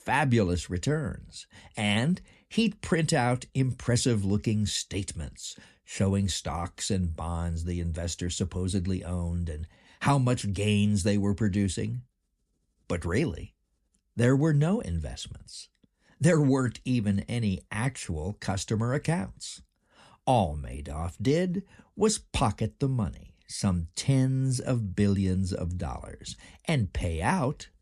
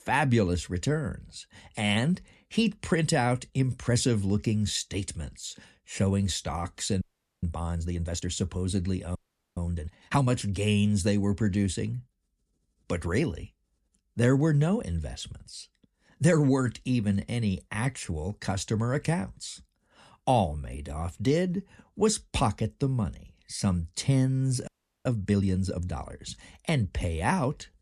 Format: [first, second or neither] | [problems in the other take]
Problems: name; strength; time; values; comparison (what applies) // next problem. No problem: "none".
first | audio freezing; at 7 s, at 9 s and at 25 s